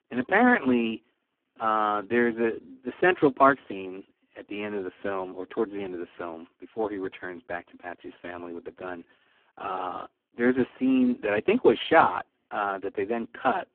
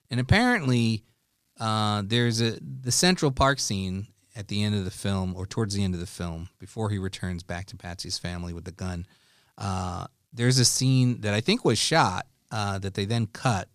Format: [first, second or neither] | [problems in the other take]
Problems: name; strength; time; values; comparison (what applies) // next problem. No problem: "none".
second | phone-call audio; poor line